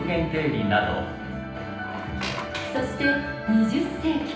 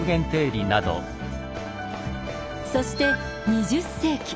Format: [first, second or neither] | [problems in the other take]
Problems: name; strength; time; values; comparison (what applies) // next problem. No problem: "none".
second | background sound (Squeak); 12 dB below the speech // room echo; dies away in 0.9 s